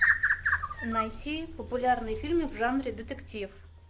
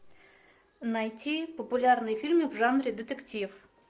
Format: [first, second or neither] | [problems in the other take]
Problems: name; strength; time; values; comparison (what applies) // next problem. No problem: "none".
second | background sound (Bird); as loud as the speech